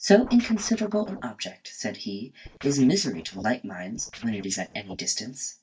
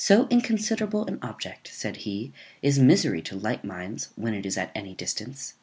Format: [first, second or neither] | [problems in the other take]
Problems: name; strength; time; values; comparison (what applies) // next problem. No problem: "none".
second | noise reduction (neural mask model DeepFilterNet 3)